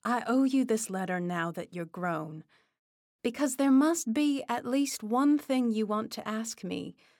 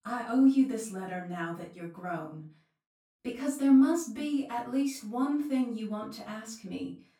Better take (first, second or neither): first